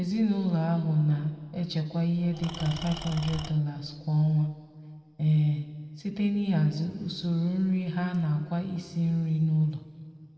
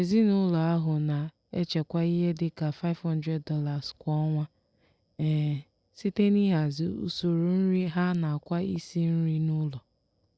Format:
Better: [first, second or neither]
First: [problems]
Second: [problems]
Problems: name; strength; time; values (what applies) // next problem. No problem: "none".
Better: second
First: background sound (Engine / Tools); 11 dB below the speech // room echo; dies away in 1.7 s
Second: none